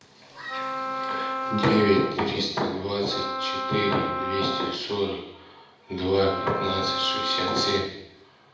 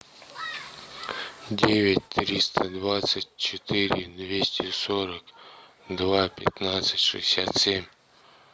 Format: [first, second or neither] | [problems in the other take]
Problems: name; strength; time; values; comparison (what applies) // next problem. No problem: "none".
second | background sound (Wind instrument, woodwind instrument); 4 dB below the speech // room echo; dies away in 0.8 s